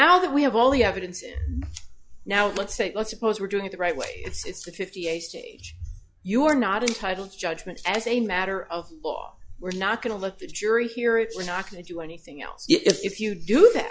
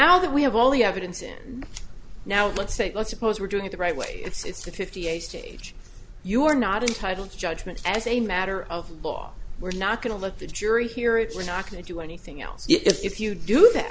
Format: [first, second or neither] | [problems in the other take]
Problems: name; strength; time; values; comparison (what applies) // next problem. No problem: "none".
second | noise reduction (classical method log-MMSE)